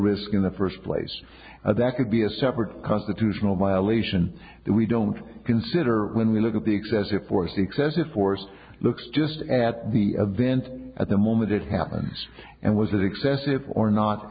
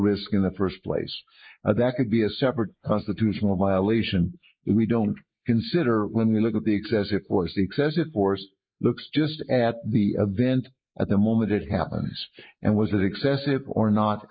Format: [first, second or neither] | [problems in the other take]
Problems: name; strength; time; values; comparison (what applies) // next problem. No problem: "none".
first | noise reduction (neural mask model Resemble Enhance denoiser)